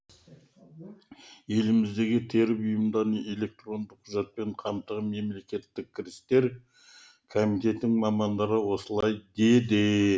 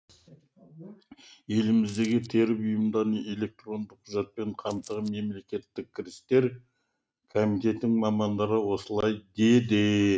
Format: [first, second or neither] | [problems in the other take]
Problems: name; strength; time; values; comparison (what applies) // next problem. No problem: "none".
first | noise reduction (neural mask model RNNoise)